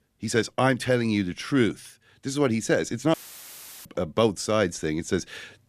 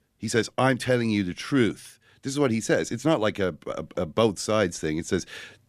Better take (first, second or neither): second